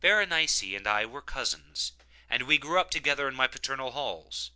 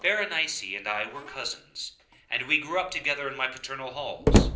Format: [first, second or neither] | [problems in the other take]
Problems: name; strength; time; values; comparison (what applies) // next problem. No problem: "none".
first | background sound (Slam); 1 dB above the speech // room echo; dies away in 0.5 s